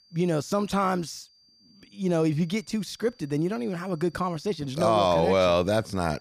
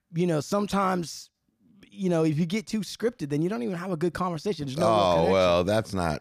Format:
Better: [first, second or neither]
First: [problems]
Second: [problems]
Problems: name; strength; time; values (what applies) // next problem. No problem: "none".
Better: second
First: high-pitched whine; faint; throughout; 4.5 kHz, 30 dB below the speech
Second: none